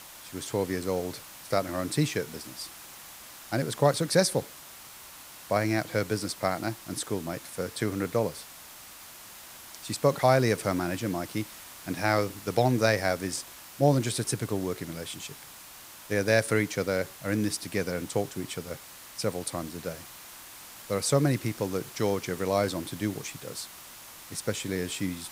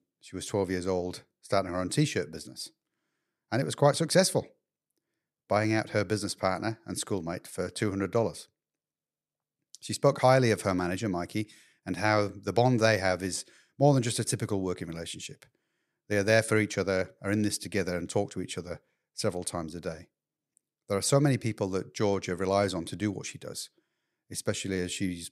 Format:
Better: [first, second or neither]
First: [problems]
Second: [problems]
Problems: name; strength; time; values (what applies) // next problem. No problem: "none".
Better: second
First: hiss; noticeable; throughout; 15 dB below the speech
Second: none